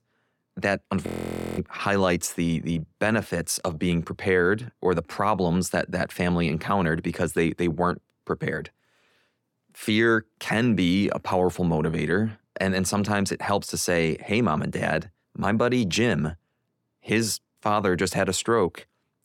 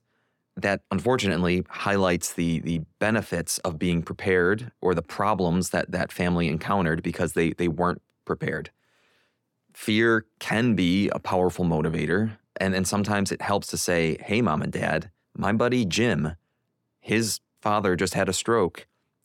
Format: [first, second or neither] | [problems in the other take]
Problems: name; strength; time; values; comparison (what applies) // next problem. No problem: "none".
second | audio freezing; at 1 s for 0.5 s